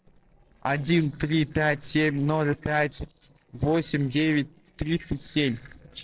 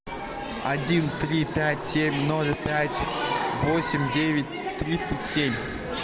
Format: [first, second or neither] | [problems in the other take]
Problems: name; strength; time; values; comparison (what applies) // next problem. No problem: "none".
second | noise reduction (neural separator model SepFormer DNS4)